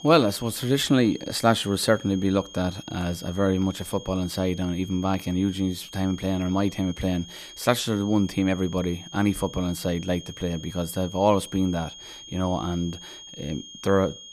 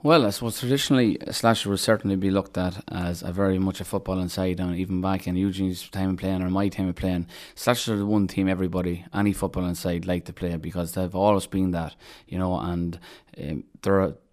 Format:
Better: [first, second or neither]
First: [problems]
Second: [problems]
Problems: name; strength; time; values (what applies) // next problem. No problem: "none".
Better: second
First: high-pitched whine; noticeable; throughout; 3 kHz, 15 dB below the speech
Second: none